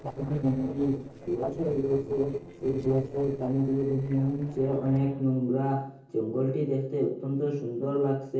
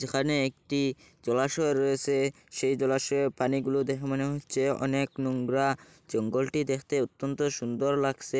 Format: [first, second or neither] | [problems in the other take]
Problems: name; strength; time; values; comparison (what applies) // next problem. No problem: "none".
second | noise reduction (neural separator model SepFormer DNS4)